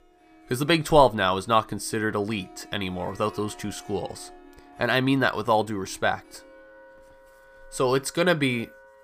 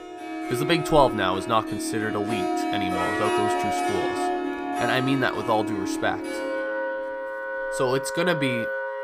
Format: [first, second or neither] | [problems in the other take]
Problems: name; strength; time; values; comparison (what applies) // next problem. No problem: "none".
first | background music; loud; throughout; 2 dB below the speech; faint in the first